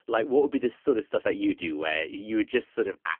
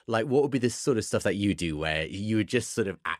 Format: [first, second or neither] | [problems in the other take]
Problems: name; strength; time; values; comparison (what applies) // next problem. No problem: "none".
second | phone-call audio; poor line; nothing above 3 kHz